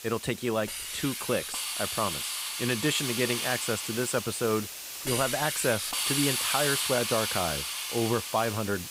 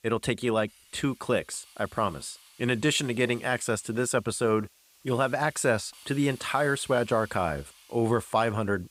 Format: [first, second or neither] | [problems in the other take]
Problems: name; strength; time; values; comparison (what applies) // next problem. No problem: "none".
second | hiss; loud; throughout; as loud as the speech; faint in the second